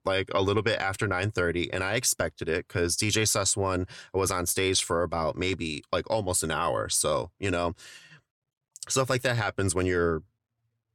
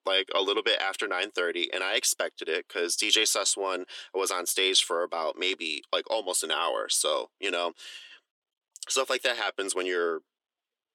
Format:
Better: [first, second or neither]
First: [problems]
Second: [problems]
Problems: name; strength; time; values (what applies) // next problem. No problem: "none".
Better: first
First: none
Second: thin; somewhat; fading below 350 Hz